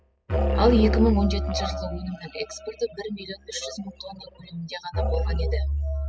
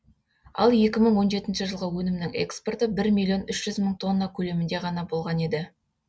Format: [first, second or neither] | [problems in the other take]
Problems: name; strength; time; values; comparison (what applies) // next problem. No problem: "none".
second | noise reduction (classical method spectral subtraction)